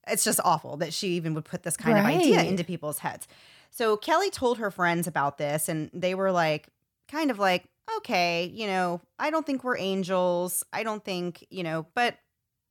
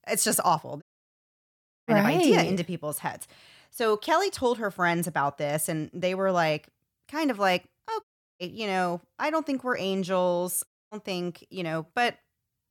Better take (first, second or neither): first